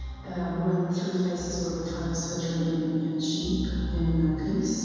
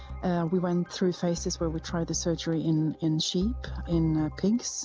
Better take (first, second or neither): second